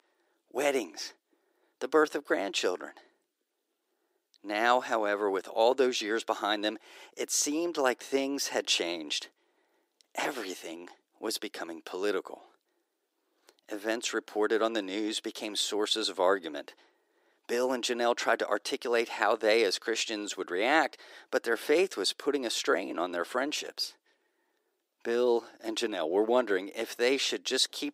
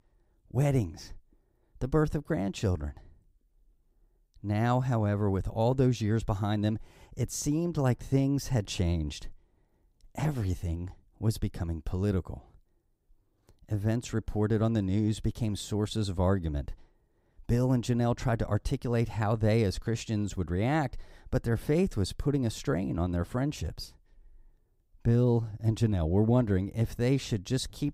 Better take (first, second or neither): second